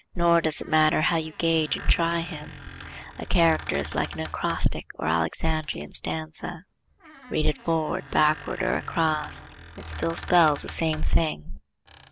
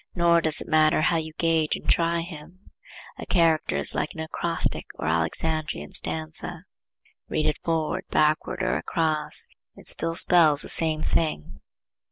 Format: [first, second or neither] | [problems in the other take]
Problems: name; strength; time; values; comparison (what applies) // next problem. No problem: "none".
second | background sound (Squeak); 17 dB below the speech